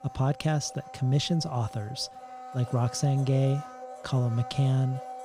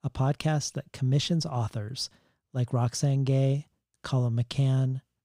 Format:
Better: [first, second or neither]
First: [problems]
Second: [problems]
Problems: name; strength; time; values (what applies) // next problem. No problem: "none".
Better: second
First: household noises; noticeable; throughout; 15 dB below the speech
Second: none